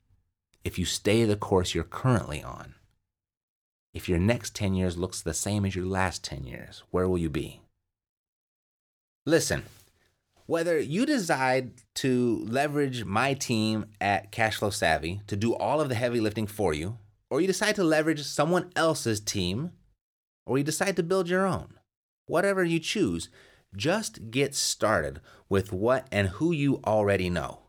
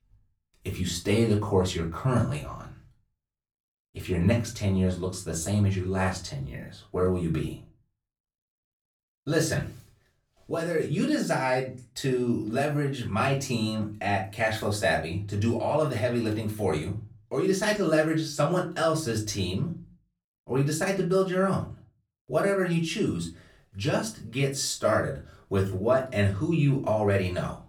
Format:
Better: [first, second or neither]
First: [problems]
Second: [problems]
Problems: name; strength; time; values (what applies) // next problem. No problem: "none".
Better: first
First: none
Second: off-mic speech; far // room echo; very slight; dies away in 0.3 s